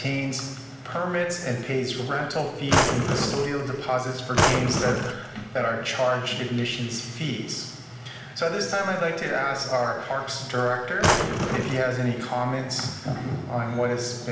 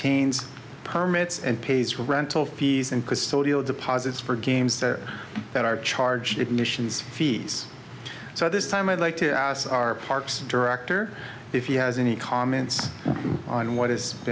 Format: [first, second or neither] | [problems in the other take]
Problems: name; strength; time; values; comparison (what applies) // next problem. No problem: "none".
second | background sound (Drawer open or close); 2 dB above the speech // room echo; dies away in 1.2 s